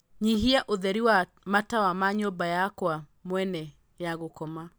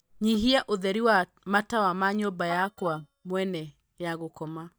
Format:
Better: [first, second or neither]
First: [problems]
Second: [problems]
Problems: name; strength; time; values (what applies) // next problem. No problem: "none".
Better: first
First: none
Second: noise reduction (neural mask model DeepFilterNet 3)